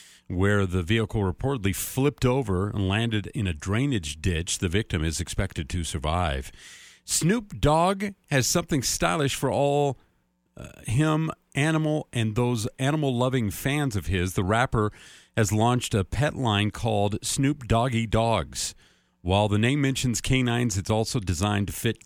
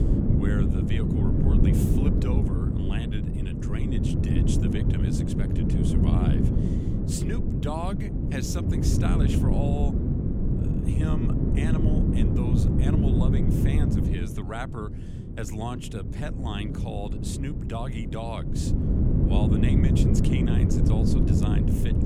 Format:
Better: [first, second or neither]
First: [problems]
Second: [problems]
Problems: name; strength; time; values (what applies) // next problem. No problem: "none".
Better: first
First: none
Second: wind noise on the microphone; heavy; 4 dB above the speech